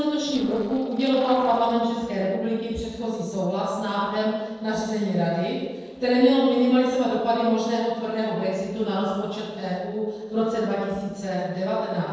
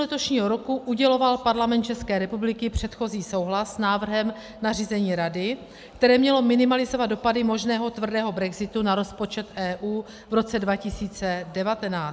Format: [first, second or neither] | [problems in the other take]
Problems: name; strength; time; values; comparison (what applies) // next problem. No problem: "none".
second | noise reduction (neural separator model SepFormer DNS4)